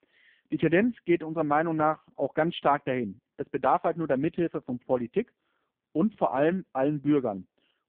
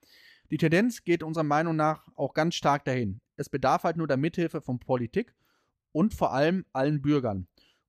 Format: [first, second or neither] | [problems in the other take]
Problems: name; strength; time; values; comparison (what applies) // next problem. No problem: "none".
second | phone-call audio; poor line